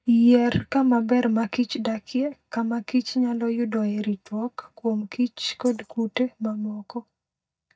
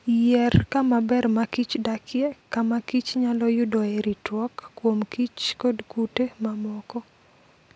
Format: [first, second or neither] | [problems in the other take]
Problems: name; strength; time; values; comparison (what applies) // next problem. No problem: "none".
second | noise reduction (neural mask model DeepFilterNet 3)